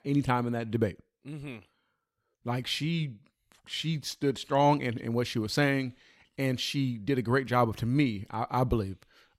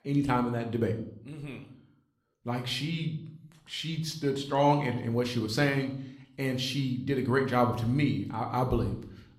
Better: first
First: none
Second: room echo; slight; dies away in 0.5 s

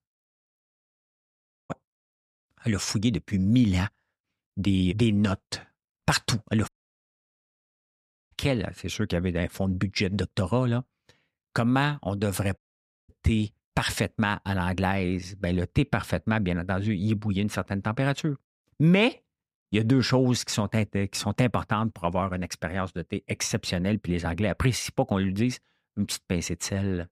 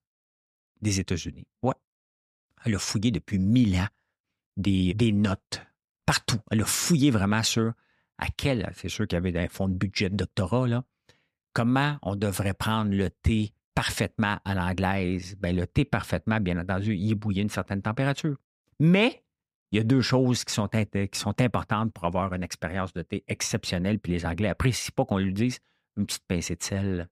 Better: second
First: audio cutting out; at 0.5 s for 1 s, at 6.5 s for 1.5 s and at 13 s for 0.5 s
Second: none

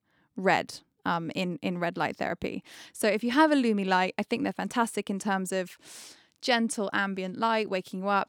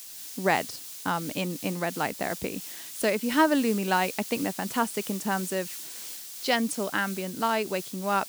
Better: first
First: none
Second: hiss; loud; throughout; 9 dB below the speech

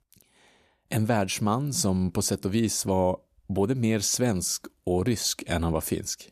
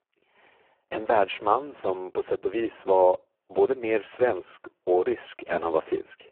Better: first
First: none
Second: phone-call audio; poor line

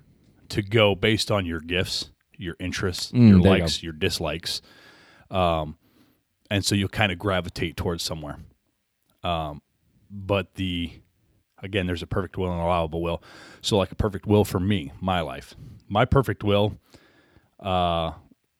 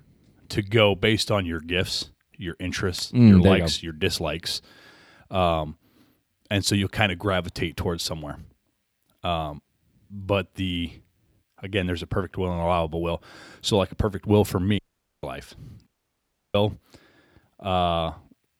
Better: first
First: none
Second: audio cutting out; at 15 s and at 16 s for 0.5 s

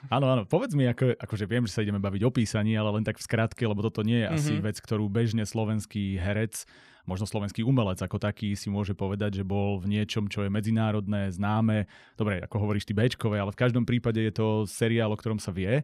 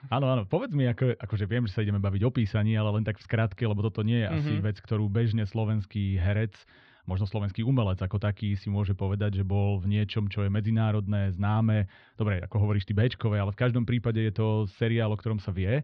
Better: first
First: none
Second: muffled; slightly; fading above 4 kHz

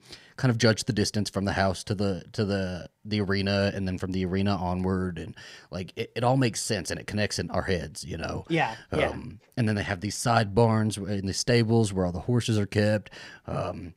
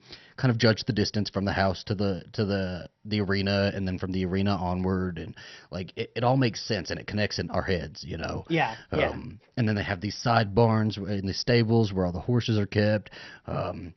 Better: first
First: none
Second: garbled, watery; slightly; nothing above 6 kHz

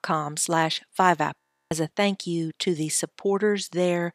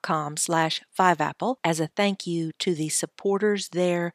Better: second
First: audio freezing; at 1.5 s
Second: none

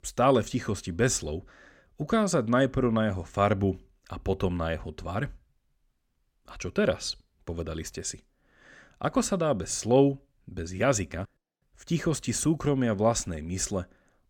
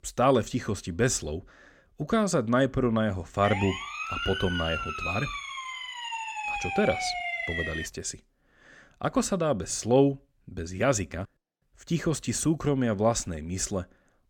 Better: first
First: none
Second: siren; noticeable; from 3.5 to 8 s; peak 2 dB below the speech

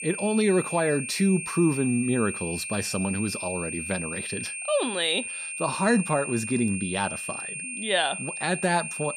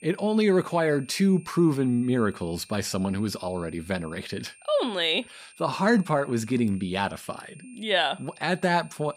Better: second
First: high-pitched whine; loud; throughout; 9 kHz, 6 dB below the speech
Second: high-pitched whine; faint; throughout; 9 kHz, 25 dB below the speech

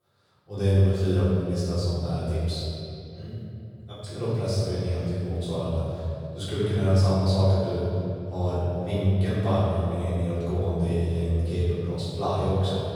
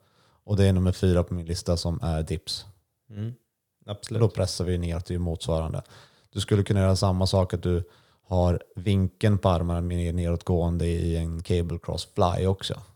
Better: second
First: room echo; strong; dies away in 2.5 s // off-mic speech; far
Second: none

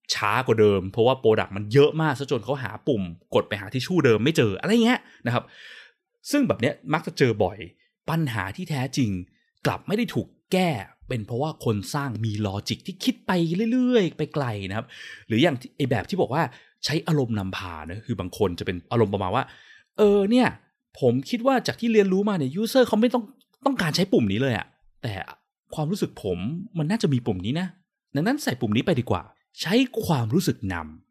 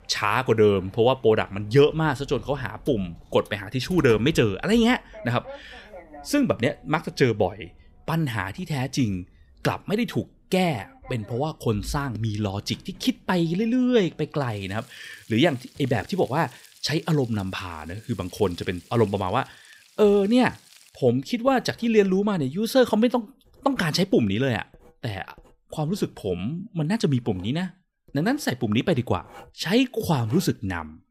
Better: first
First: none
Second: household noises; faint; throughout; 25 dB below the speech

